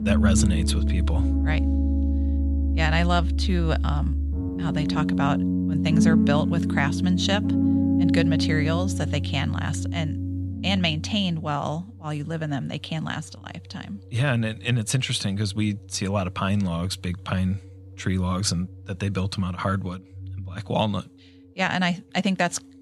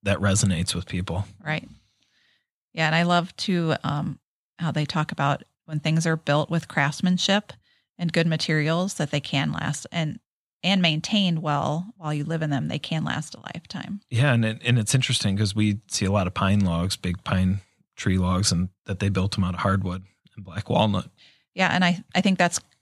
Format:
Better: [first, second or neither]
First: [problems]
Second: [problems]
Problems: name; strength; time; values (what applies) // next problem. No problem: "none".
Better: second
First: background music; very loud; throughout; 2 dB above the speech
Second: none